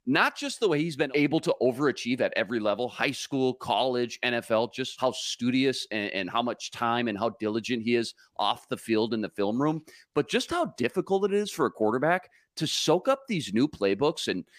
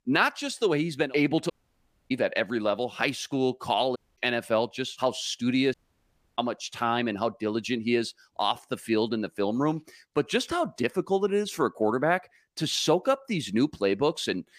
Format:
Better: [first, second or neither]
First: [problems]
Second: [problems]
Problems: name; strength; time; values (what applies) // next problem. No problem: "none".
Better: first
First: none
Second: audio cutting out; at 1.5 s for 0.5 s, at 4 s and at 5.5 s for 0.5 s